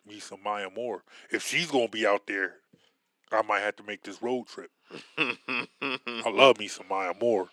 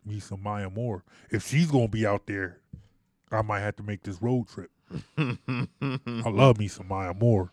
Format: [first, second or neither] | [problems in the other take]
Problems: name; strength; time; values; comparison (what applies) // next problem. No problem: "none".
second | thin; very; fading below 350 Hz